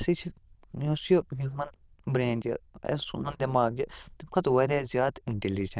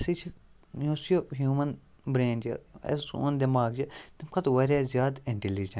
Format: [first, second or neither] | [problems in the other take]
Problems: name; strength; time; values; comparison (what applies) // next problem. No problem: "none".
second | noise reduction (neural diffusion model UNIVERSE++)